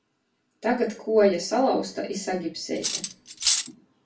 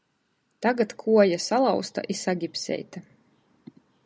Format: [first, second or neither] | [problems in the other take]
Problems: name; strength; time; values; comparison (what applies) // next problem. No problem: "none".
second | background sound (Cutlery, silverware); 1 dB below the speech // room echo; dies away in 0.3 s